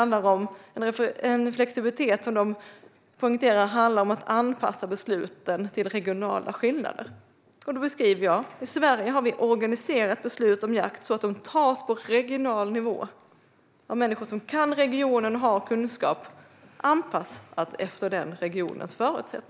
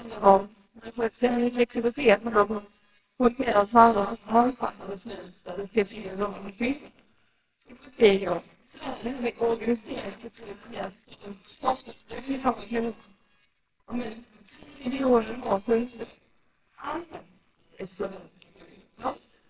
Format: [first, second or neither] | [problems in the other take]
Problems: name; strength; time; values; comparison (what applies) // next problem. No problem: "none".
first | noise reduction (neural separator model SepFormer WHAMR!)